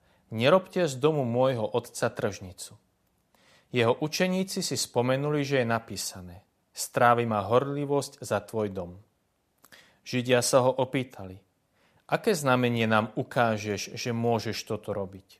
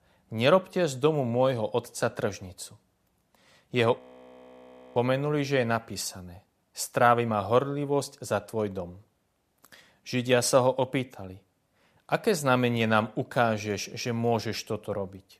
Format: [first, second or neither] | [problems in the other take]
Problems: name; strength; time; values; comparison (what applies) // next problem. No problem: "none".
first | audio freezing; at 4 s for 1 s